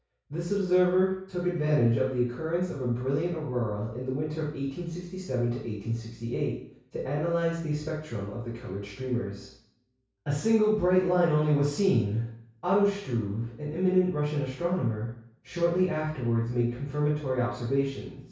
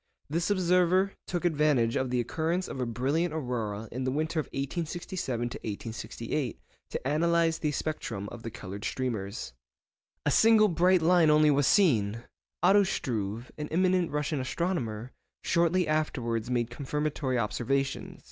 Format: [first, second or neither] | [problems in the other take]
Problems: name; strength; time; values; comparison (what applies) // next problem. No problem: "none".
second | room echo; dies away in 0.6 s